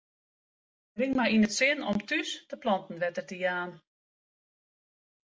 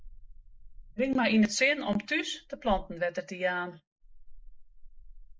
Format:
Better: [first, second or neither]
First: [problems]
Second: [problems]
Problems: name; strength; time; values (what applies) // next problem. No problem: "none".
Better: first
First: none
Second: noise reduction (neural mask model Resemble Enhance denoiser)